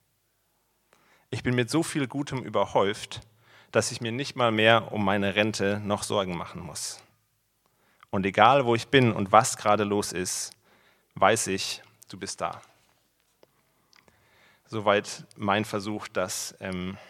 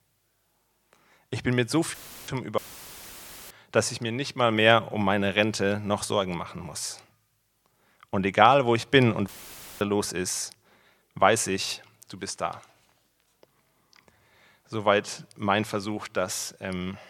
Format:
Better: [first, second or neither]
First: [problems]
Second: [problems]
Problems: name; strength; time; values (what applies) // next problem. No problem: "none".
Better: first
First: none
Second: audio cutting out; filled with static; at 2 s, at 2.5 s for 1 s and at 9.5 s for 0.5 s